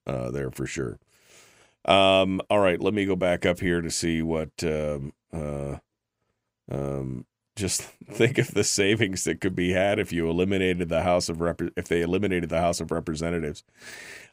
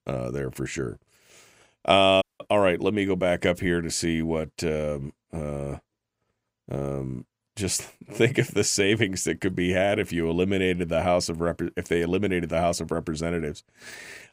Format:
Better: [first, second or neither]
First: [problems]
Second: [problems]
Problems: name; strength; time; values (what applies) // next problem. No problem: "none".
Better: first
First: none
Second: audio cutting out; at 2 s